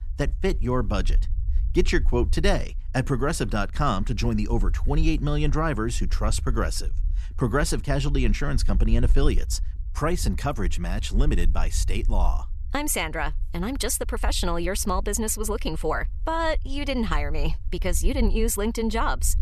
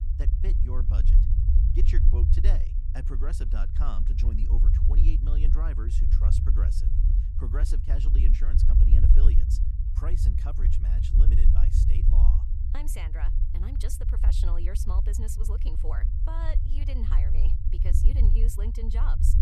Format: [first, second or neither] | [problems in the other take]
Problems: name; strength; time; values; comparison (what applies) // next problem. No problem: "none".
first | low rumble; loud; throughout; 1 dB below the speech; faint in the first